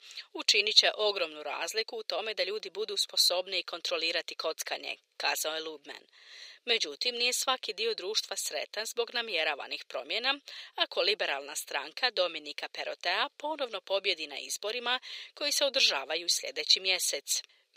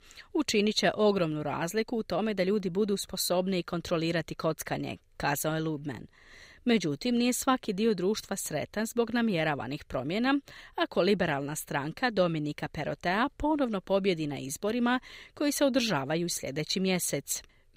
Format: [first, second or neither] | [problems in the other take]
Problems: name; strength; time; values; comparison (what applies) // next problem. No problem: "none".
second | thin; very; fading below 450 Hz